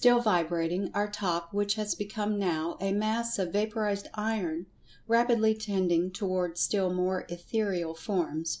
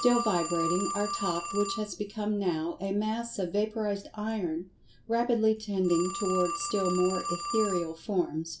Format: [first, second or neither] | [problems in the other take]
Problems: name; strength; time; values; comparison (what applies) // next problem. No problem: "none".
first | background sound (Telephone); 8 dB below the speech // room echo; dies away in 0.2 s